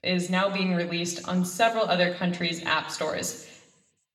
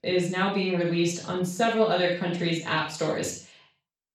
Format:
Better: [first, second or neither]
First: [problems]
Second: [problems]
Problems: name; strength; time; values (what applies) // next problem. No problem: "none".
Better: first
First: room echo; slight; dies away in 0.9 s // off-mic speech; somewhat distant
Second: room echo; strong; dies away in 0.4 s // off-mic speech; far